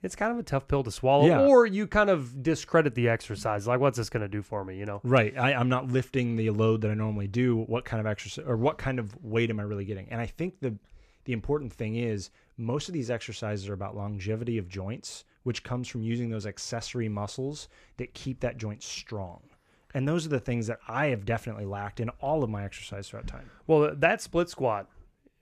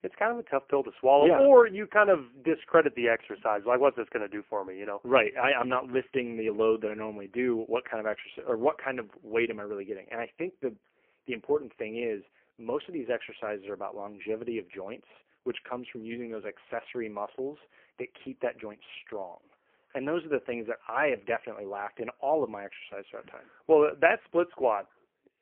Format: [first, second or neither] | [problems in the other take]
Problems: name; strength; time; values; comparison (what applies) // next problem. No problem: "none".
first | phone-call audio; poor line; nothing above 3 kHz